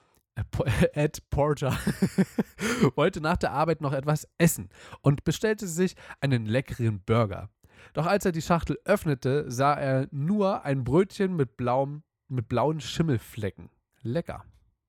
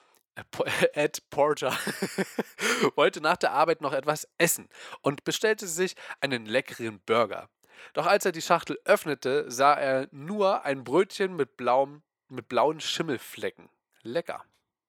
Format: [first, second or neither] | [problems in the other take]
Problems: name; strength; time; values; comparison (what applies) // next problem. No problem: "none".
first | thin; somewhat; fading below 400 Hz